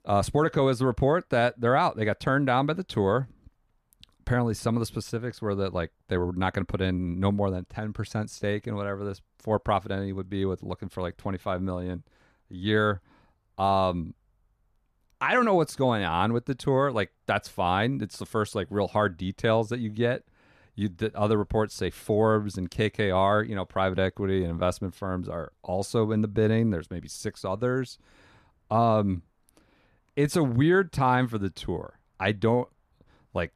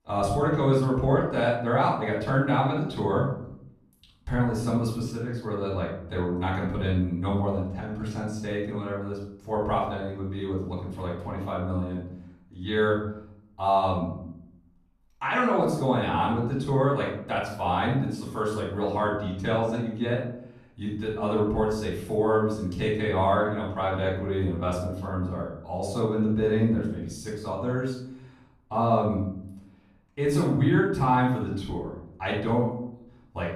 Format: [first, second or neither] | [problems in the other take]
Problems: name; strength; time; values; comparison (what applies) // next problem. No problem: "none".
first | room echo; noticeable; dies away in 0.6 s // off-mic speech; far